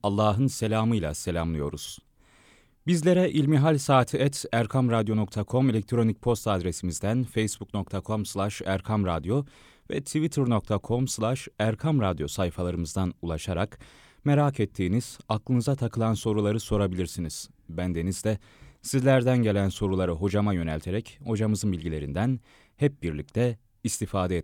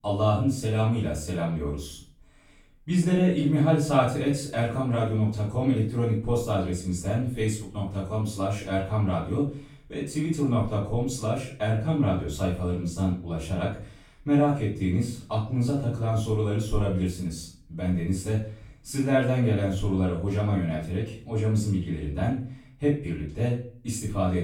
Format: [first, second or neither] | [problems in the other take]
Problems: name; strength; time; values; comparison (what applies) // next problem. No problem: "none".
first | off-mic speech; far // room echo; noticeable; dies away in 0.4 s